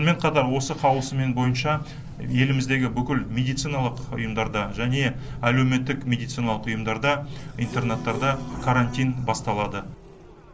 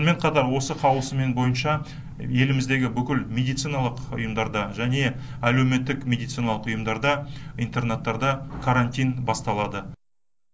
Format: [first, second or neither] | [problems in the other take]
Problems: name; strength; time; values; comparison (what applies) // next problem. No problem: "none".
second | background sound (Wind instrument, woodwind instrument + Race car, auto racing / Accelerating, revving, vroom); 17 dB below the speech